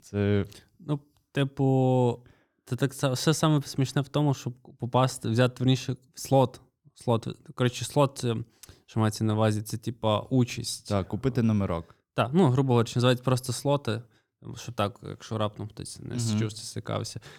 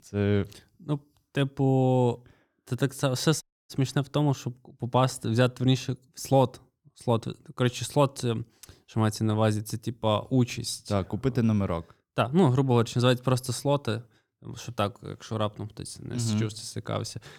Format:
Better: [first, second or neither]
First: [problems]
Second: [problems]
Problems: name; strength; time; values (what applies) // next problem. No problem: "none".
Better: first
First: none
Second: audio cutting out; at 3.5 s